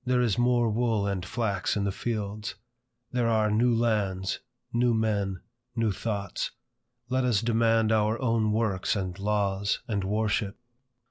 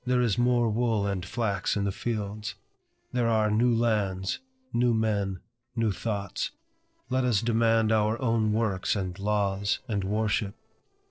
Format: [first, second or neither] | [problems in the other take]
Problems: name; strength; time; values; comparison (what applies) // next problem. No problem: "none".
first | noise reduction (neural separator model SepFormer DNS4)